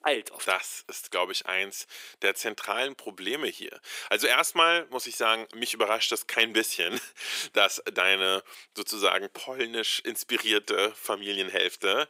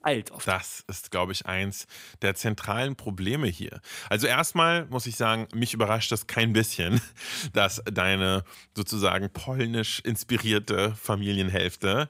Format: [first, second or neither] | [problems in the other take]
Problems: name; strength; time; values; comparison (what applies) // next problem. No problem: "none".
second | thin; very; fading below 350 Hz